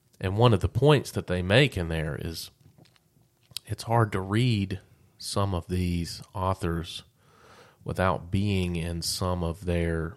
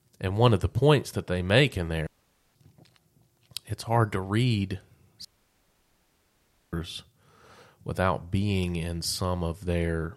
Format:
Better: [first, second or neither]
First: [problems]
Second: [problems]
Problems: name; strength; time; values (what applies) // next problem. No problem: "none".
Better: first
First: none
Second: audio cutting out; at 2 s and at 5.5 s for 1.5 s